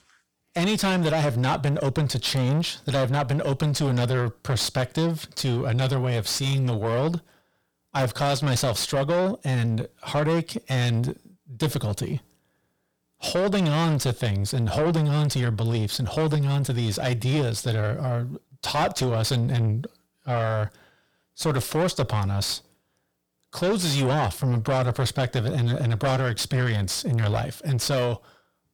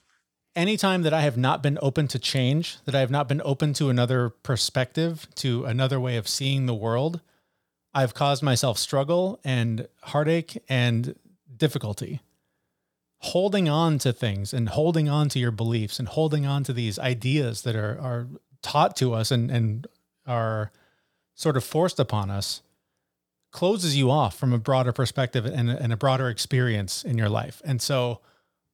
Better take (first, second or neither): second